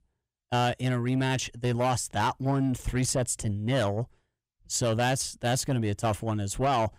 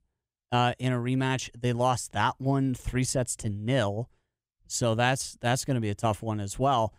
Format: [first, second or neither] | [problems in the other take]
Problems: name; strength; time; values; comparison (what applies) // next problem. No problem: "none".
second | distortion; slight; 10 dB below the speech